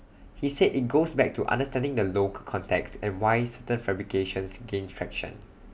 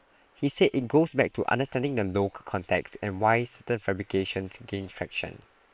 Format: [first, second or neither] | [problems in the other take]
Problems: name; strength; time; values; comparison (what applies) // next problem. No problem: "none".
first | noise reduction (neural separator model SepFormer WHAM!)